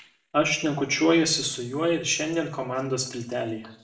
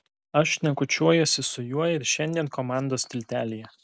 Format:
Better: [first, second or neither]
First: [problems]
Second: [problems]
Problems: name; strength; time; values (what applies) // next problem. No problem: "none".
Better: second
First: room echo; dies away in 0.5 s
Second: none